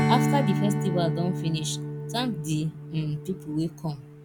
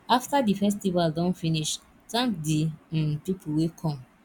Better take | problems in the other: second | background sound (Strum); as loud as the speech

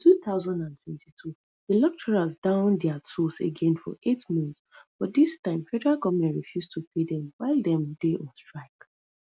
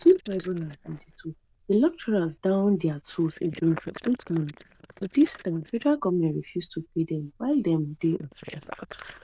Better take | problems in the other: first | noise reduction (neural diffusion model UNIVERSE++)

